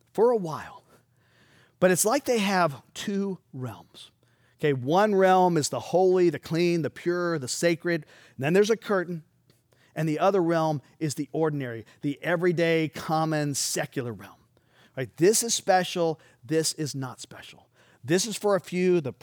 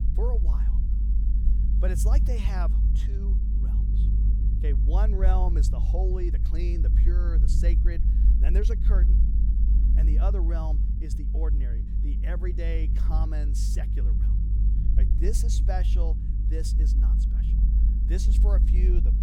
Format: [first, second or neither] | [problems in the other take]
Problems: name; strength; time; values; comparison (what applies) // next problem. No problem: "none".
first | low rumble; loud; throughout; 5 dB below the speech